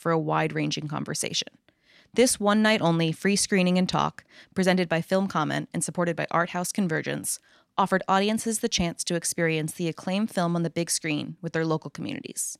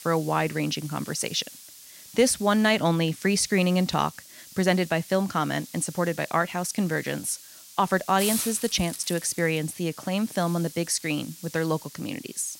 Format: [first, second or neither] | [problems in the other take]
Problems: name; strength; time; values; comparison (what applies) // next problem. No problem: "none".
first | hiss; noticeable; throughout; 15 dB below the speech